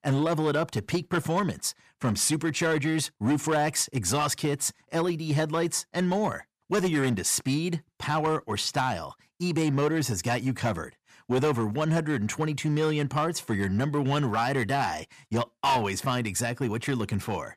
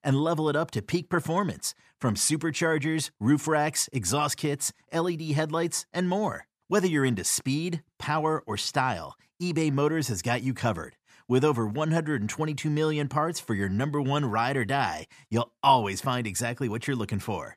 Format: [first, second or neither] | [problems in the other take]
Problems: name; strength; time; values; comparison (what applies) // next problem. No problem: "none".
second | distortion; slight; 7% of the sound clipped